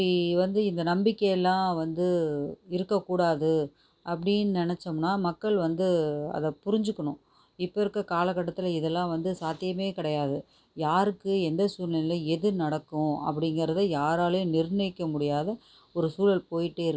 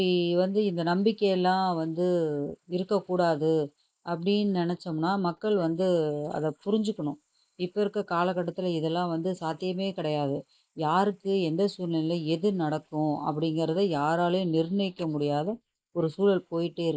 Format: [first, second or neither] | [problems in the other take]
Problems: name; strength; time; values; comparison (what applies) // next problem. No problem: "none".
first | noise reduction (neural mask model Resemble Enhance denoiser)